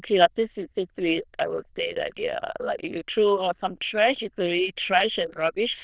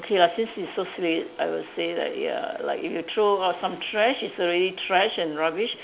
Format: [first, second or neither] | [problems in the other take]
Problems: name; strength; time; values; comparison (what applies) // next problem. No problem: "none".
second | noise reduction (neural diffusion model UNIVERSE++)